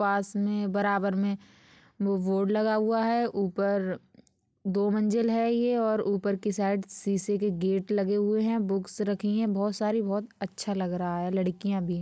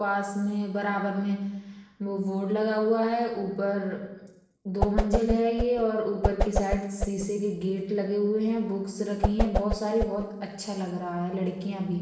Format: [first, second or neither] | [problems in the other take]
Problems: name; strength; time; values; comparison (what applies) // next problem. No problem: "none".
first | background sound (Whoosh, swoosh, swish); 1 dB below the speech // room echo; dies away in 0.9 s